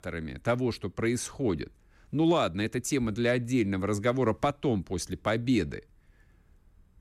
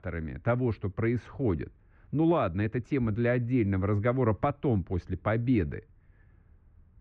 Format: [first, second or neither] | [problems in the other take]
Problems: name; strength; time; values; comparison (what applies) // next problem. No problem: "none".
first | muffled; very; fading above 2 kHz